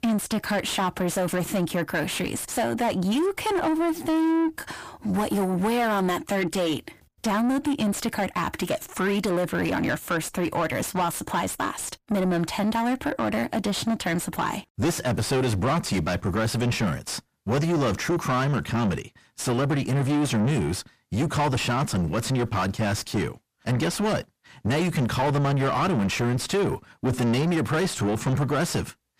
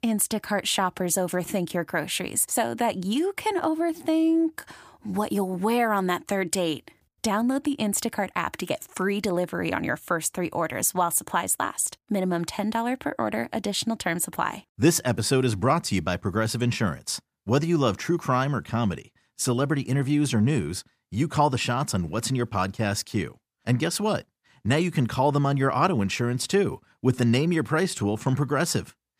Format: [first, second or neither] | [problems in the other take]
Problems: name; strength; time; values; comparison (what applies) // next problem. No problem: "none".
second | distortion; heavy; 6 dB below the speech